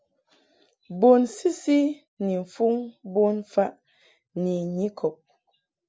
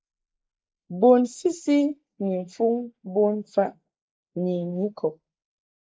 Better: first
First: none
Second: noise reduction (neural mask model Resemble Enhance denoiser)

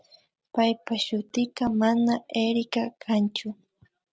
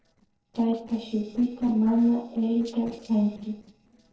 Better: first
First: none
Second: noise reduction (neural separator model SepFormer DNS4)

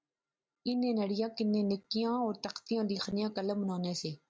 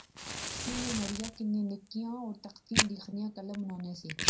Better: first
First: none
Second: background sound (Fire); 3 dB above the speech // room echo; dies away in 0.2 s

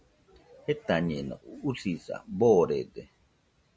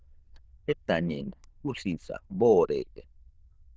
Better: first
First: none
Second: noise reduction (neural diffusion model UNIVERSE++)

